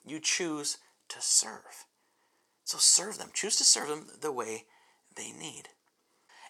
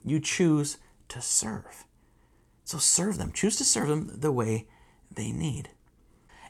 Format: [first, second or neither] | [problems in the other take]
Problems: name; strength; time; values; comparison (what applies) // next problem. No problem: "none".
second | thin; very; fading below 500 Hz